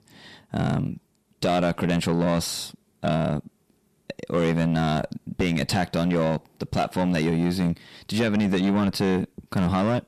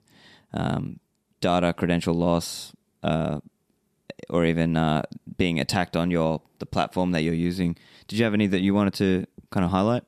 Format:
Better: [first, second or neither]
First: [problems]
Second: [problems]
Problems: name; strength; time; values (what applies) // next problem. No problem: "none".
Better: second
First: distortion; heavy; 7 dB below the speech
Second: none